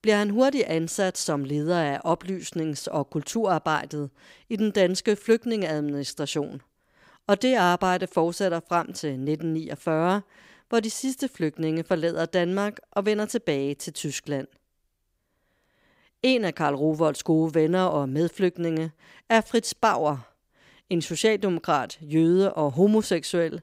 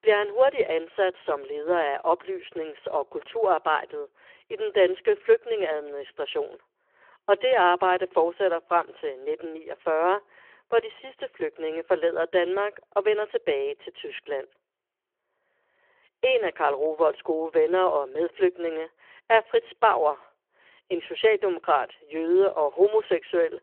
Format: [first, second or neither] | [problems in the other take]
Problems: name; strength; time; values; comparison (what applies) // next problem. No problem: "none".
first | phone-call audio